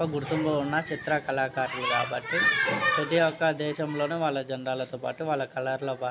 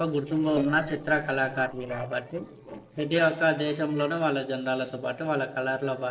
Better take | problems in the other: first | noise reduction (neural separator model SepFormer DNS4)

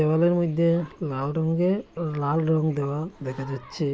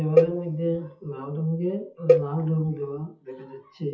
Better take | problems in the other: first | noise reduction (classical method WPE with log-MMSE)

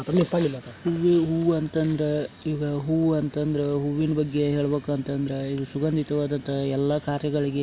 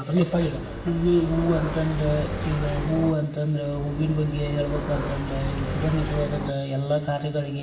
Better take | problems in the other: first | background sound (Motorcycle); 6 dB below the speech // room echo; dies away in 0.7 s

